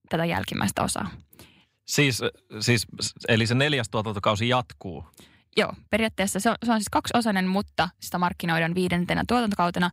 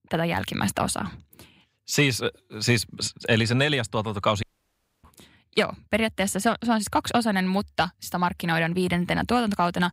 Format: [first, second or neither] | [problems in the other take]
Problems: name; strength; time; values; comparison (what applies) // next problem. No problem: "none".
first | audio cutting out; at 4.5 s for 0.5 s